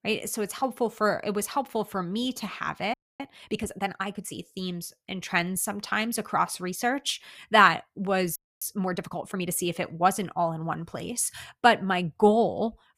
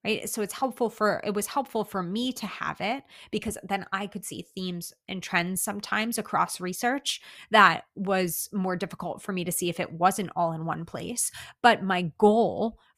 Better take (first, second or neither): second